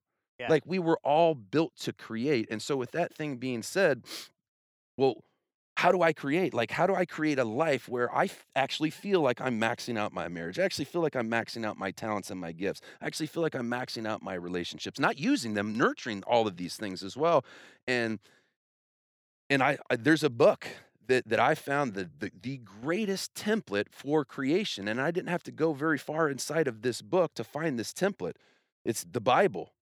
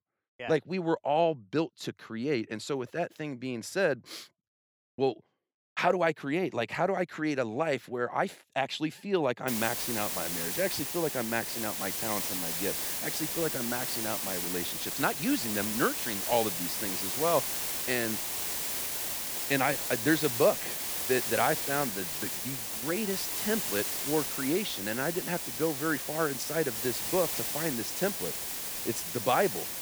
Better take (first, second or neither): first